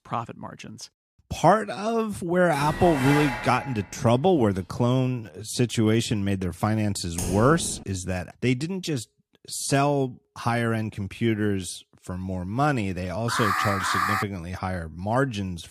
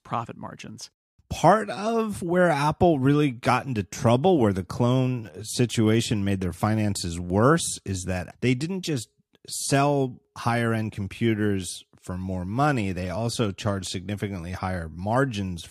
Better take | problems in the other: second | clattering dishes; noticeable; from 2.5 to 3.5 s; peak 2 dB below the speech // keyboard typing; noticeable; at 7 s; peak 6 dB below the speech // alarm; loud; at 13 s; peak 1 dB above the speech

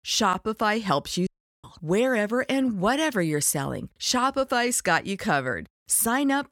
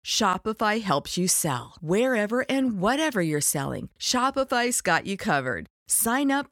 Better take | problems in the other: second | audio cutting out; at 1.5 s

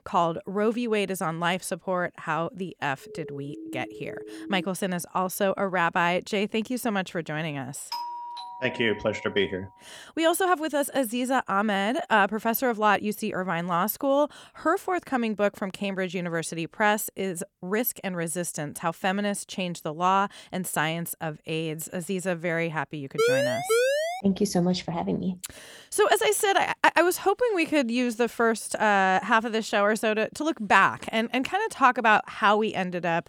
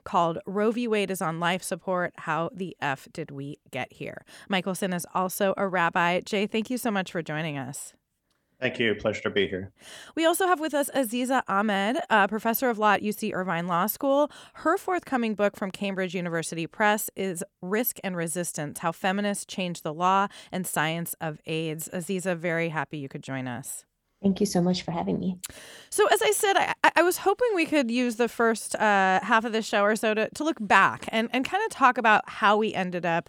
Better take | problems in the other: second | siren; faint; from 3 to 4.5 s; peak 15 dB below the speech // doorbell; noticeable; from 8 to 9.5 s; peak 8 dB below the speech // siren; loud; from 23 to 24 s; peak 3 dB above the speech

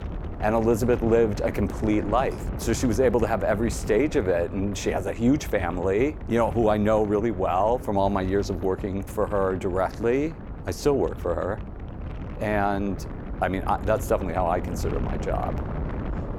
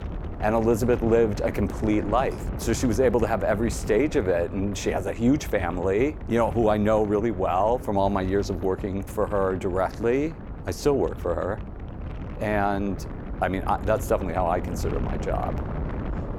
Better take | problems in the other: neither | wind noise on the microphone; occasional gusts; 15 dB below the speech; the same in both

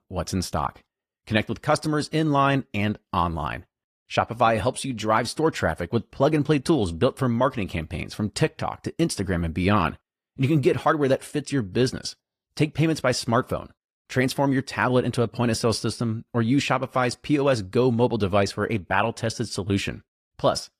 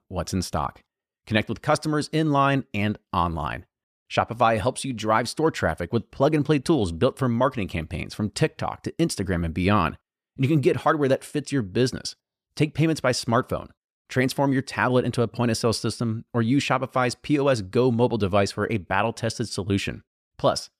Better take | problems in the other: second | garbled, watery; slightly; nothing above 14.5 kHz

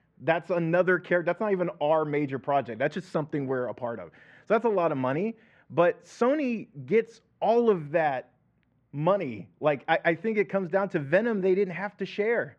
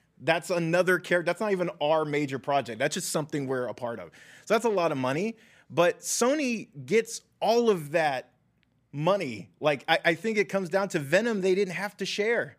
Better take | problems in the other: second | muffled; very; fading above 2 kHz

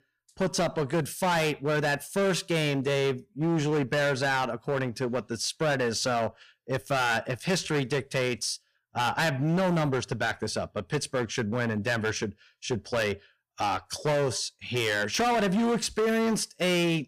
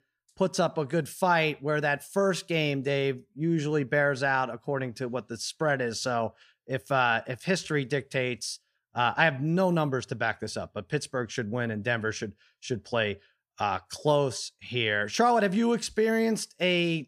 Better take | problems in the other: second | distortion; heavy; 16% of the sound clipped

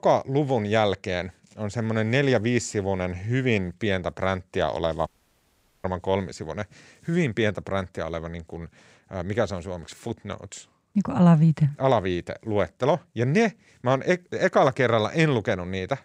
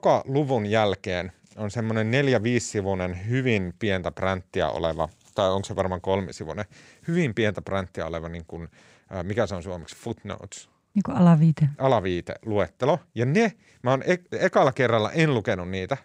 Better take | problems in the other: second | audio cutting out; at 5 s for 1 s

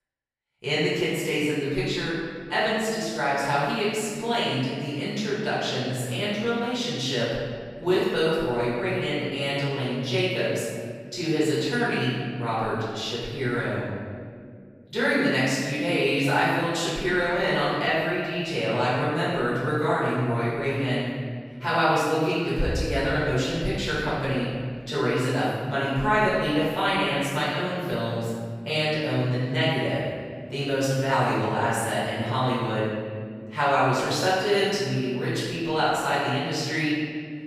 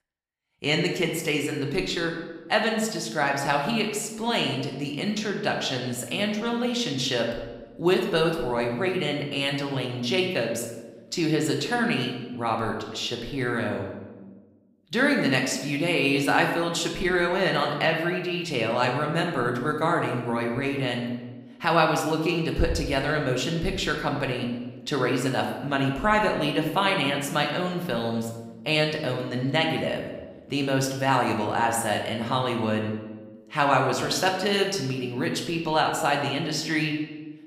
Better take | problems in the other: second | room echo; strong; dies away in 1.9 s; slight in the second // off-mic speech; far

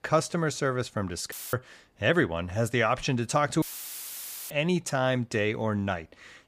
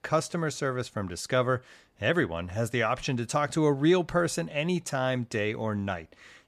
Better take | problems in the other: second | audio cutting out; filled with static; at 1.5 s and at 3.5 s for 1 s

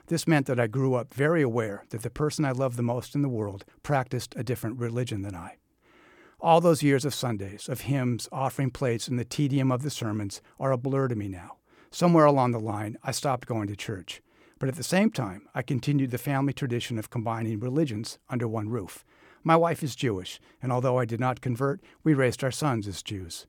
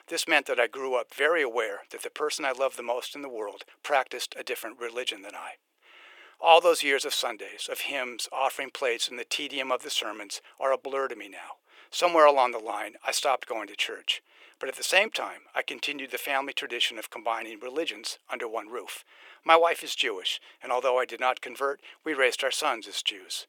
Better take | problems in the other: first | thin; very; fading below 450 Hz

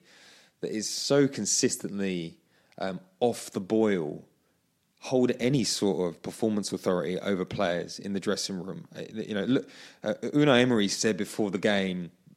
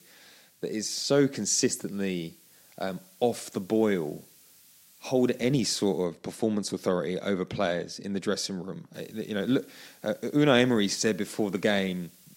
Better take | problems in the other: first | hiss; faint; until 6 s and from 9 s on; 25 dB below the speech

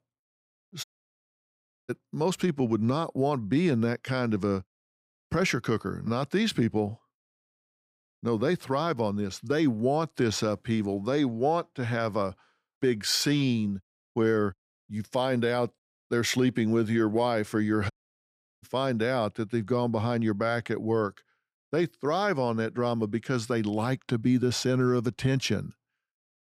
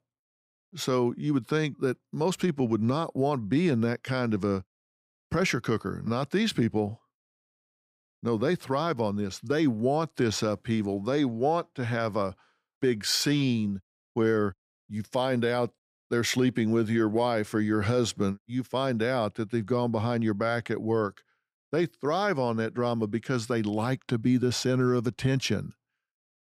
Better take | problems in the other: second | audio cutting out; at 1 s for 1 s and at 18 s for 0.5 s

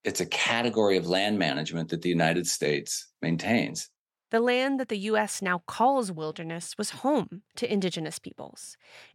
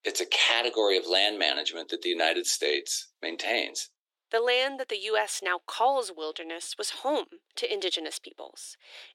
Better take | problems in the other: first | thin; very; fading below 300 Hz

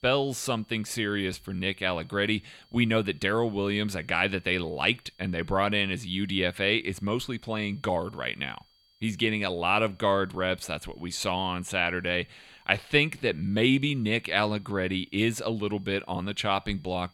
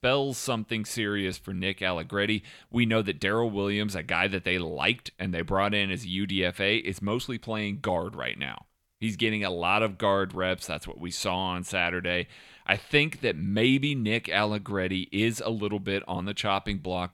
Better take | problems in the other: second | high-pitched whine; faint; throughout; 4.5 kHz, 35 dB below the speech

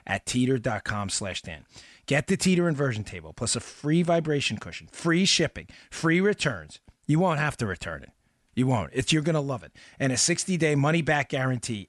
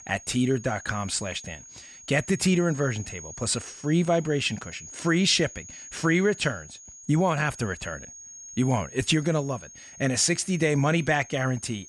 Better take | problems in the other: first | high-pitched whine; noticeable; throughout; 6.5 kHz, 15 dB below the speech

